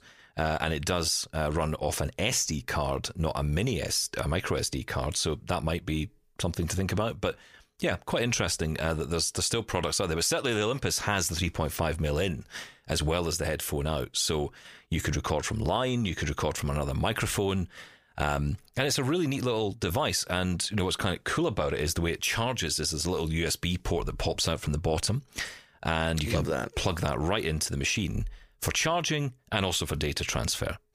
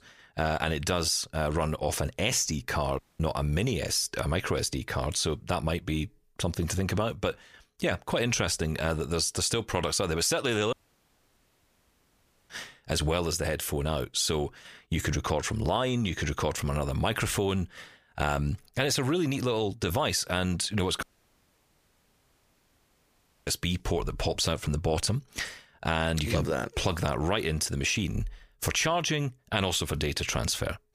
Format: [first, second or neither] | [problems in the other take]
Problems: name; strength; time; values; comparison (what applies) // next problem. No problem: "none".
first | audio cutting out; at 3 s, at 11 s for 2 s and at 21 s for 2.5 s